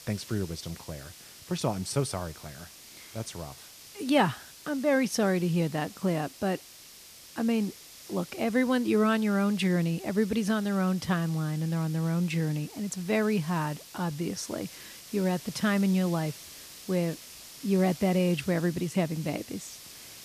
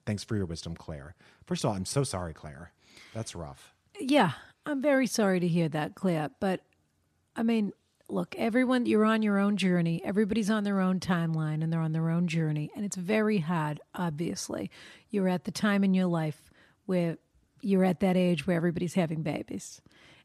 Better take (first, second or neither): second